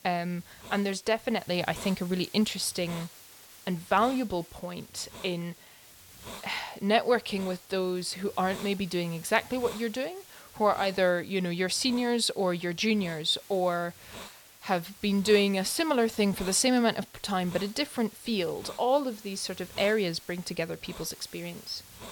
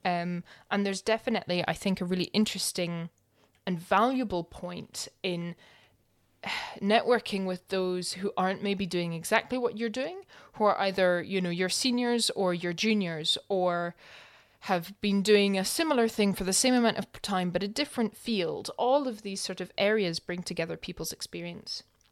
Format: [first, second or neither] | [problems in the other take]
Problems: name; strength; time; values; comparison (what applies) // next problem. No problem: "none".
second | hiss; noticeable; throughout; 20 dB below the speech